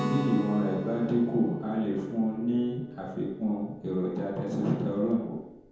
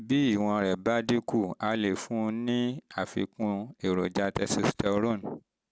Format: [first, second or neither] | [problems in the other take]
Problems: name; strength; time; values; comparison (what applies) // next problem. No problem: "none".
second | background sound (Guitar); 9 dB below the speech // room echo; dies away in 0.9 s